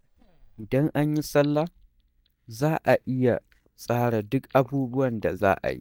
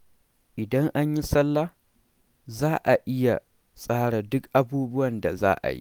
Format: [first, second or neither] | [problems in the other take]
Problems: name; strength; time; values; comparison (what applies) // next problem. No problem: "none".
second | noise reduction (neural mask model DeepFilterNet 3)